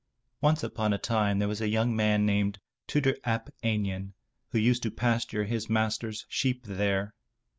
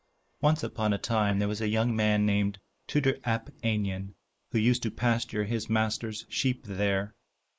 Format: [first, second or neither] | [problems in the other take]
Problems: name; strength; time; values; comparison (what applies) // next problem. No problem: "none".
first | noise reduction (neural mask model Resemble Enhance denoiser)